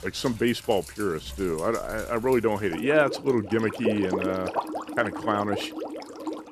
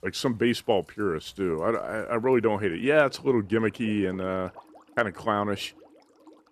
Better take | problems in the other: second | household noises; loud; throughout; 8 dB below the speech; faint in the second

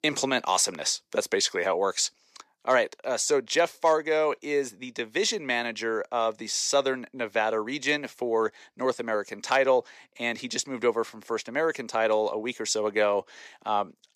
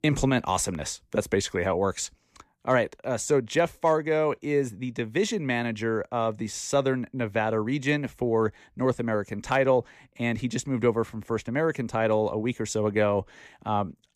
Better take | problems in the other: second | thin; somewhat; fading below 400 Hz

